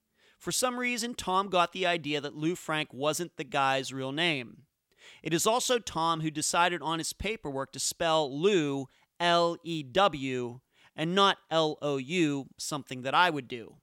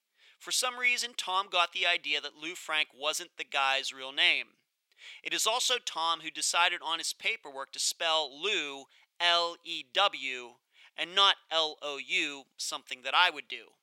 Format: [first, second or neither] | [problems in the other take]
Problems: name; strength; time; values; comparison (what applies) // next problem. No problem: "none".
first | thin; very; fading below 650 Hz